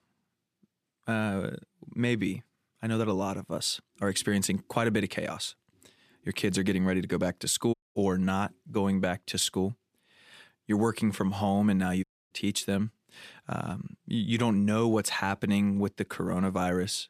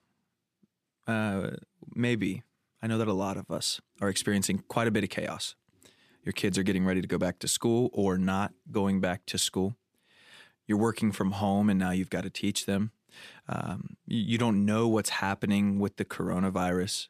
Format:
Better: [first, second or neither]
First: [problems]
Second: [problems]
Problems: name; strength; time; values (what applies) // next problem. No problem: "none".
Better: second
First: audio cutting out; at 7.5 s and at 12 s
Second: none